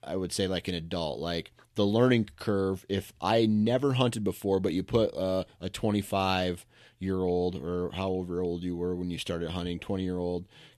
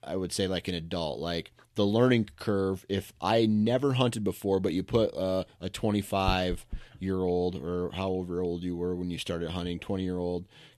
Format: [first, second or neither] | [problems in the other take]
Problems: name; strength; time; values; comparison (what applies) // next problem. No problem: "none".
first | dog barking; noticeable; at 6.5 s; peak 8 dB below the speech